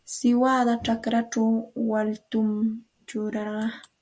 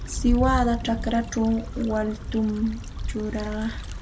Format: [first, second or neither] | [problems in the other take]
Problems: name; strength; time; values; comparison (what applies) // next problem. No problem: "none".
first | background sound (Stream / Trickle, dribble / Traffic noise, roadway noise); 5 dB below the speech